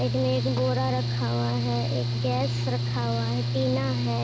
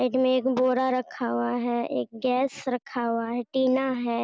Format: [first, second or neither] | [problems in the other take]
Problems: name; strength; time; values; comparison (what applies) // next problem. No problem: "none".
second | background sound (Mechanical fan / Engine); 3 dB above the speech